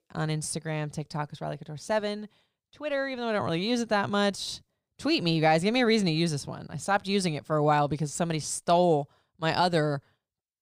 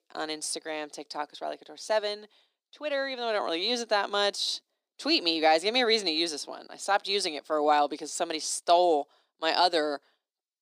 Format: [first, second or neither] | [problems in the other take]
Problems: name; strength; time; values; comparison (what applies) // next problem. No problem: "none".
first | thin; somewhat; fading below 300 Hz